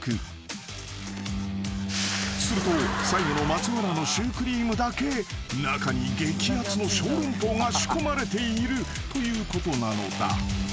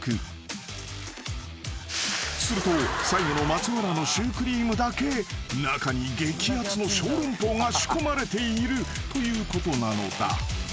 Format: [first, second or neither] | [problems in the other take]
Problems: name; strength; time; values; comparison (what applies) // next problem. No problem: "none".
second | background sound (Bowed string instrument); 7 dB below the speech